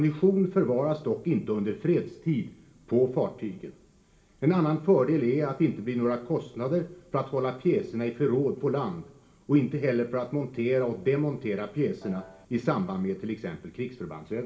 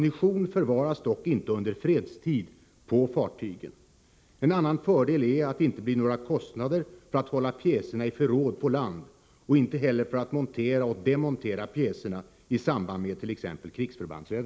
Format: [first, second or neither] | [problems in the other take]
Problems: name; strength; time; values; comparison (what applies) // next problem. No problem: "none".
second | background sound (Piano); 19 dB below the speech // room echo; dies away in 0.8 s